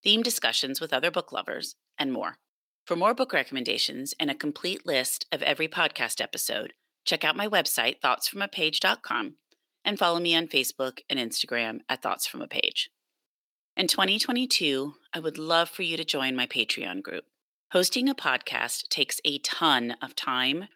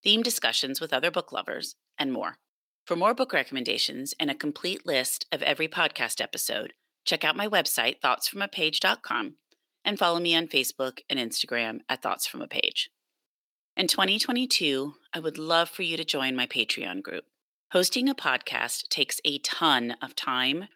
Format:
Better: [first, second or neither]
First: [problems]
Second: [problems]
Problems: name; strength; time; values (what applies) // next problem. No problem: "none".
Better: neither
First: thin; very slightly; fading below 300 Hz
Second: thin; very slightly; fading below 300 Hz